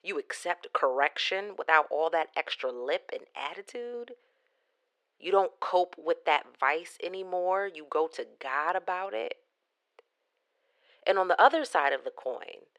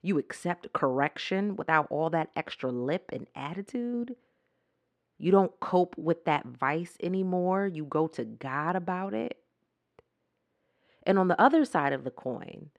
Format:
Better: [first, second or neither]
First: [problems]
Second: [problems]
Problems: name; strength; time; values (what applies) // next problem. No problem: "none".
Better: second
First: thin; very; fading below 500 Hz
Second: none